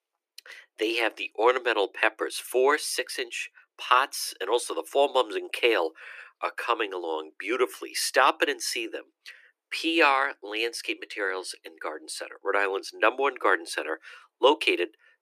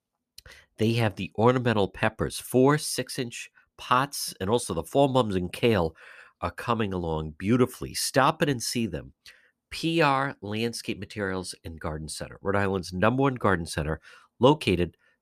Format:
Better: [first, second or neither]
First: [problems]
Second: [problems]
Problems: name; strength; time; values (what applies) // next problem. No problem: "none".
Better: second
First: thin; very; fading below 300 Hz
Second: none